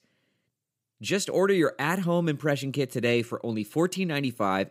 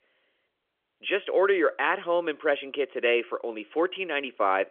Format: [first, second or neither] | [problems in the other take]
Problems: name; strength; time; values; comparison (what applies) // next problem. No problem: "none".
first | phone-call audio; nothing above 3.5 kHz